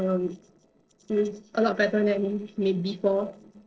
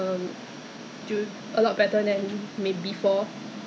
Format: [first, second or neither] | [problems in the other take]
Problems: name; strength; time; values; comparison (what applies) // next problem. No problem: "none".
second | noise reduction (neural separator model SepFormer DNS4)